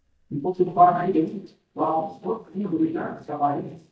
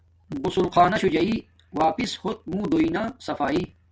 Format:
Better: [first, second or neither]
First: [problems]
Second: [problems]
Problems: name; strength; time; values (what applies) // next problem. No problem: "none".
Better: second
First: noise reduction (neural mask model DeepFilterNet 3)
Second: none